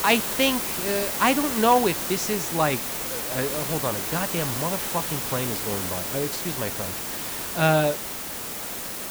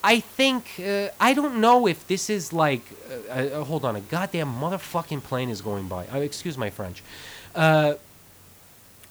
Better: second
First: hiss; loud; throughout; 2 dB below the speech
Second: hiss; faint; throughout; 20 dB below the speech

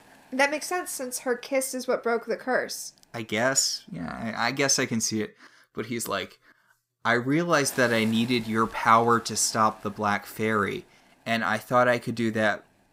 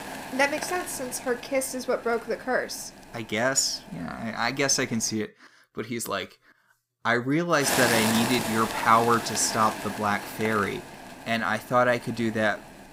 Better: first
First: hiss; faint; until 5 s and from 7.5 s on; 25 dB below the speech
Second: hiss; loud; until 5 s and from 7.5 s on; 6 dB below the speech

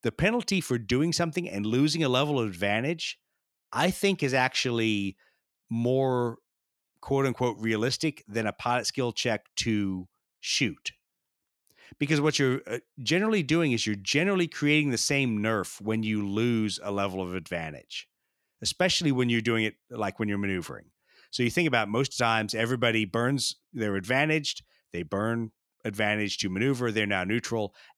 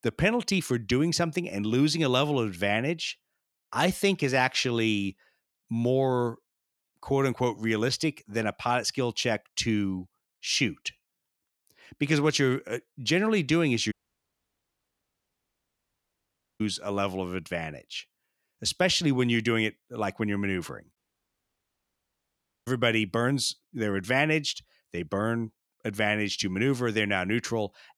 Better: first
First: none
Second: audio cutting out; at 14 s for 2.5 s and at 21 s for 1.5 s

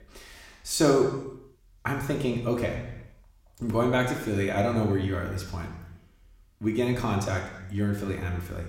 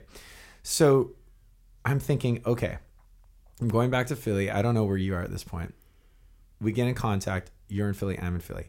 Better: second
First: room echo; noticeable; dies away in 0.9 s // off-mic speech; somewhat distant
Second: none

